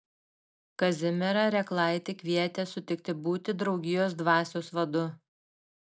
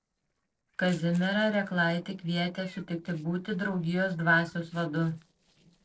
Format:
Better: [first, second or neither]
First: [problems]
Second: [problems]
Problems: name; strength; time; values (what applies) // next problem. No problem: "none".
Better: first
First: none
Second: noise reduction (neural separator model SepFormer DNS4)